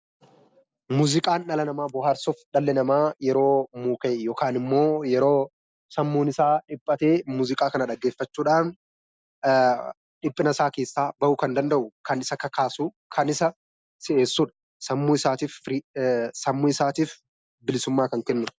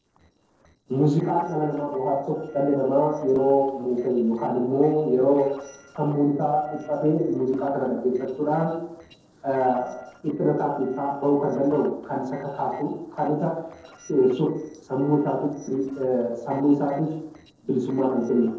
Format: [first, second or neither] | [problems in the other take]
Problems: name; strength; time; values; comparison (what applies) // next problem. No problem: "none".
first | noise reduction (neural separator model SepFormer DNS4)